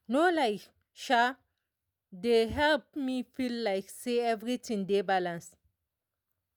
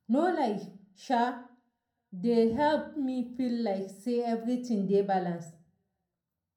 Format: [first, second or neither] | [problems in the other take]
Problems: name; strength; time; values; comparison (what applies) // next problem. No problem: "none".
first | room echo; dies away in 0.5 s